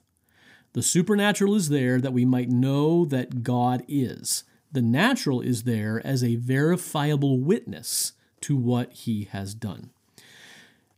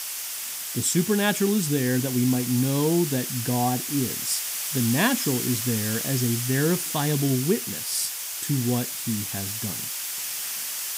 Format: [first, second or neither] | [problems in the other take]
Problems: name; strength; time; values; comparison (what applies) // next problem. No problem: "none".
first | hiss; loud; throughout; 3 dB below the speech